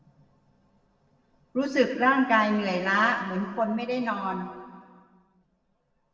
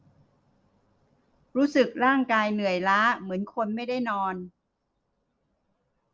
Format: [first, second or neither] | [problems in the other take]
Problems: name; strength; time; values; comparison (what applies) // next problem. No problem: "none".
second | room echo; dies away in 1.6 s